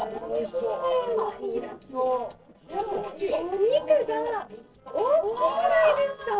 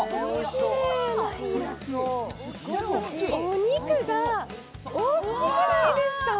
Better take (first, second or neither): second